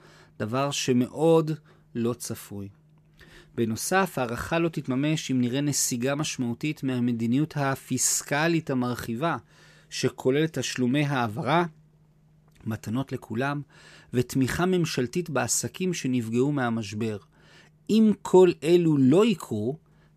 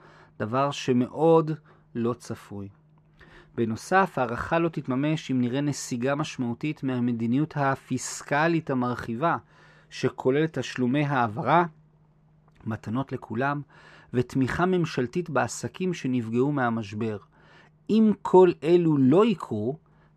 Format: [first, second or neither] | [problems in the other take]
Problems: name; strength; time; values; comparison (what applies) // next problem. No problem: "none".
first | muffled; slightly; fading above 2.5 kHz